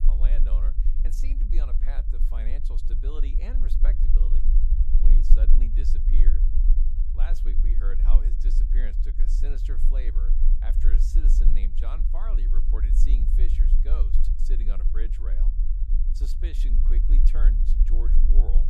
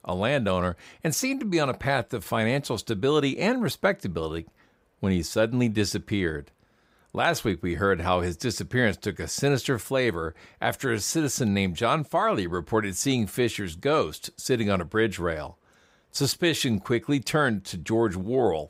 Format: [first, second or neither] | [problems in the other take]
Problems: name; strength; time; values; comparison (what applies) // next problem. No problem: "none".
second | low rumble; loud; throughout; 3 dB below the speech